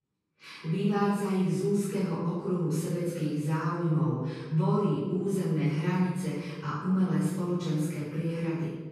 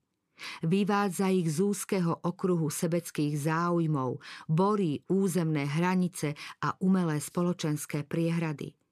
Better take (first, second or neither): second